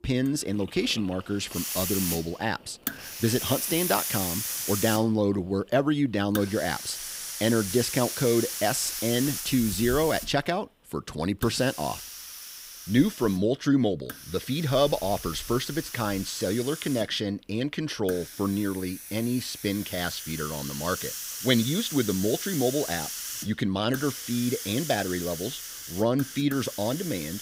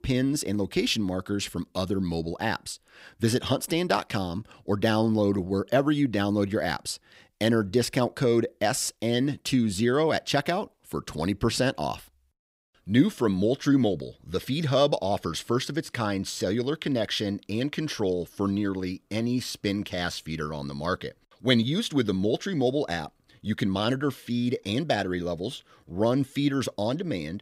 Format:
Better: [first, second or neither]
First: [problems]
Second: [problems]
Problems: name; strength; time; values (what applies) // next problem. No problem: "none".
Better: second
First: hiss; loud; throughout; 6 dB below the speech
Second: none